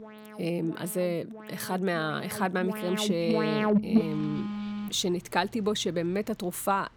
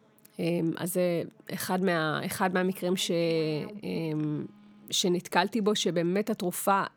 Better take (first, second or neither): second